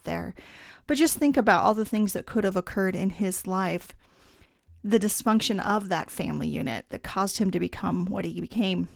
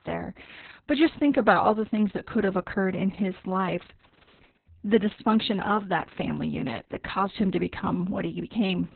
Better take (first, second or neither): first